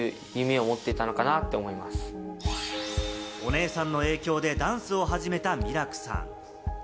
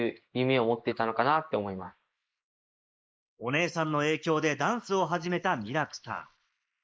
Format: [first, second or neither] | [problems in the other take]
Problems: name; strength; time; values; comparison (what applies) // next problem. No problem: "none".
first | noise reduction (neural mask model Resemble Enhance denoiser)